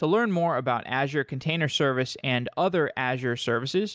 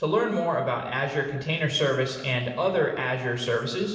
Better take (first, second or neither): first